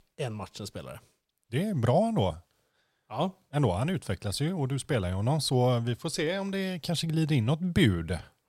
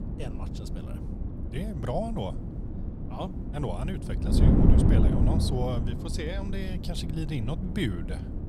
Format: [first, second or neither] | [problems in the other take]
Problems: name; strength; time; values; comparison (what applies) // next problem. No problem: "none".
first | wind noise on the microphone; heavy; 1 dB below the speech